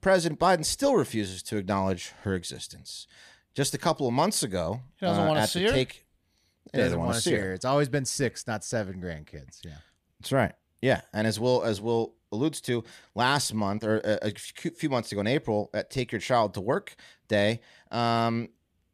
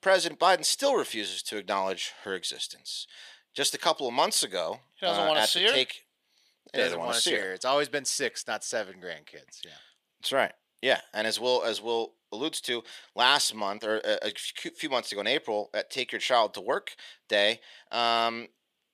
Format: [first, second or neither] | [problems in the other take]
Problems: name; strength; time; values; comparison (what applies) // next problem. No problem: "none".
first | thin; somewhat; fading below 450 Hz